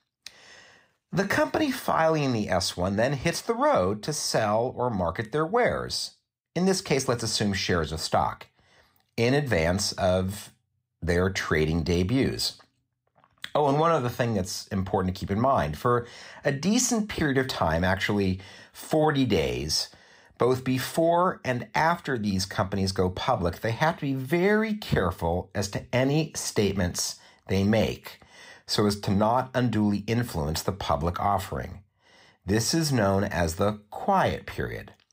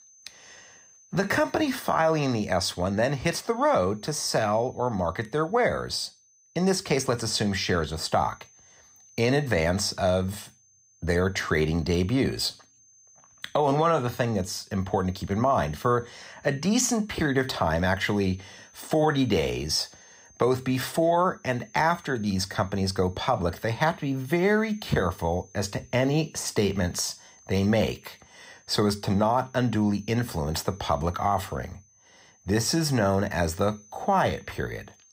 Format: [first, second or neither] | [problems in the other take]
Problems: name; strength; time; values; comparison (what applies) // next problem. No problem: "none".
first | high-pitched whine; faint; throughout; 6 kHz, 30 dB below the speech